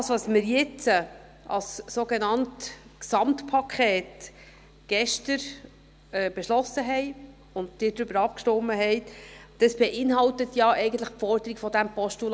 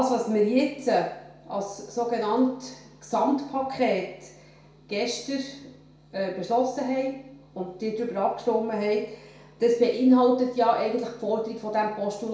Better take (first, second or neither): first